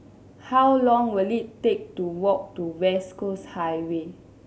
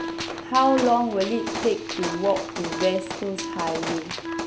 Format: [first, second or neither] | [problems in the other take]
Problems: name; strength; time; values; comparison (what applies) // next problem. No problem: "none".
first | background sound (Wind instrument, woodwind instrument + Gunshot, gunfire); 6 dB below the speech